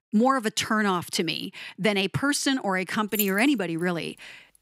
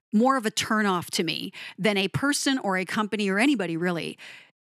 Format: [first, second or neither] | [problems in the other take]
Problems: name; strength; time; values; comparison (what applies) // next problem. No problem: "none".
second | jangling keys; noticeable; at 3 s; peak 4 dB below the speech